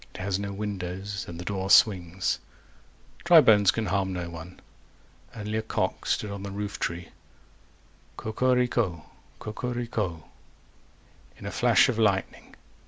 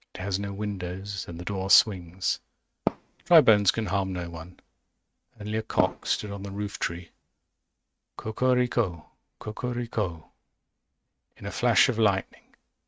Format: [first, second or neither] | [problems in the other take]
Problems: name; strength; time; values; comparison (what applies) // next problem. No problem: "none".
first | noise reduction (neural mask model RNNoise)